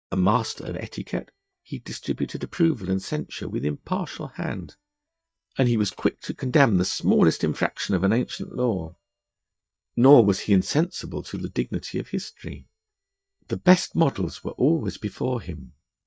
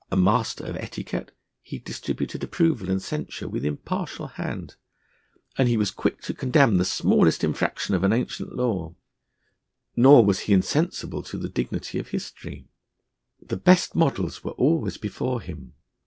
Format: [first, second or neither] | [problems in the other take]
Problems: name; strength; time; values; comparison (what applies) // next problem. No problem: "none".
second | noise reduction (neural mask model DeepFilterNet 3)